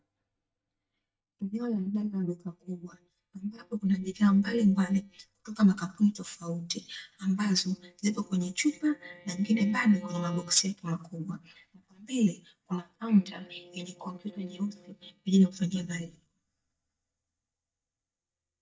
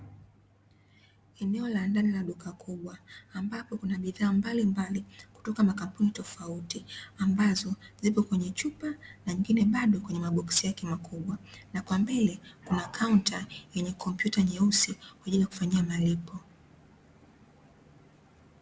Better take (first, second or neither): second